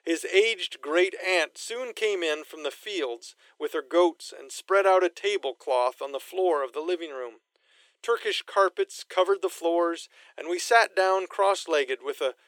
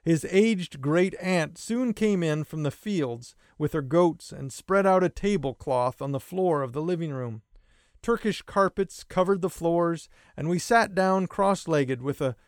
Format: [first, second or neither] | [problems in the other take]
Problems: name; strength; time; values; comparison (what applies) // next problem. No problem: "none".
second | thin; very; fading below 350 Hz